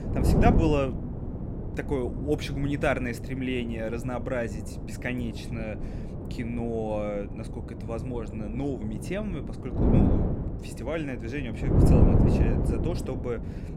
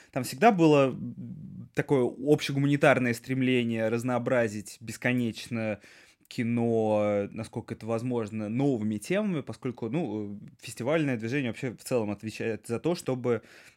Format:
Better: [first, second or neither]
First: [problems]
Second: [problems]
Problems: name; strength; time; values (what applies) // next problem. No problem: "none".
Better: second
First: wind noise on the microphone; heavy; 3 dB below the speech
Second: none